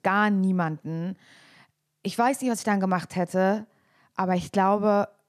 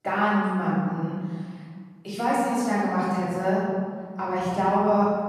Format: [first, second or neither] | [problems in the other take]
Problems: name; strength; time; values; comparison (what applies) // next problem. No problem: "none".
first | off-mic speech; far // room echo; strong; dies away in 1.8 s